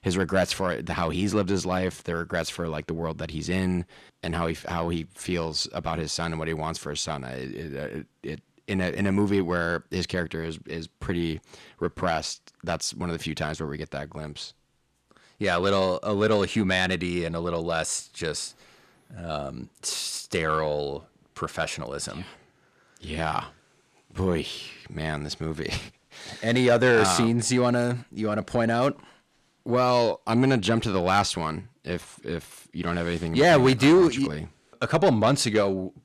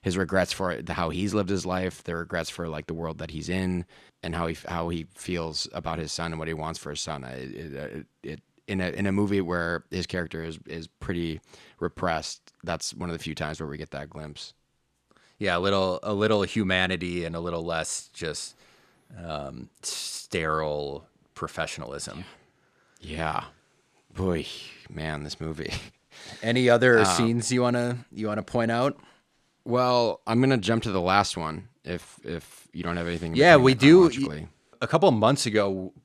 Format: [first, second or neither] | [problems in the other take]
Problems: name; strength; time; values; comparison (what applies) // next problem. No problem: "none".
second | distortion; slight; 10 dB below the speech